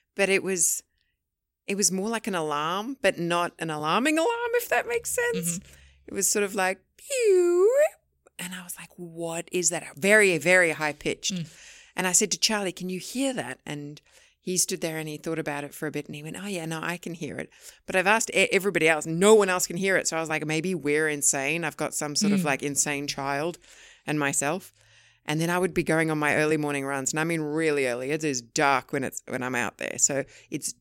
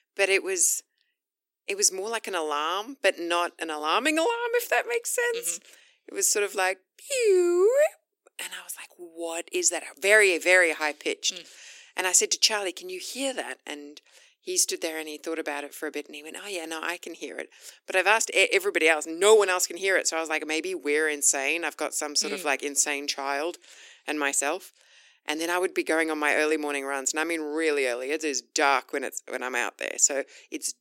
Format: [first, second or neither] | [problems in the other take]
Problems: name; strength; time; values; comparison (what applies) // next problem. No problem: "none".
first | thin; somewhat; fading below 300 Hz